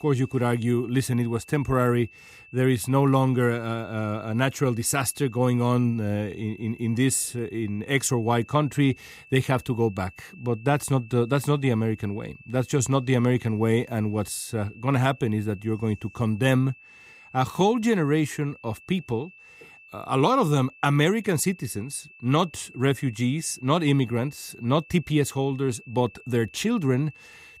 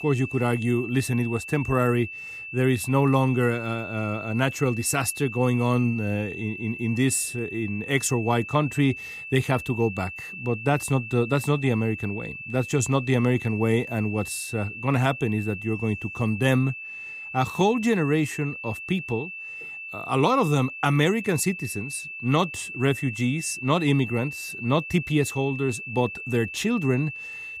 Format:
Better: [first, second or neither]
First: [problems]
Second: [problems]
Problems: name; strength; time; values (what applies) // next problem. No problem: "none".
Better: first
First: high-pitched whine; faint; throughout; 2.5 kHz, 25 dB below the speech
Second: high-pitched whine; loud; throughout; 2.5 kHz, 10 dB below the speech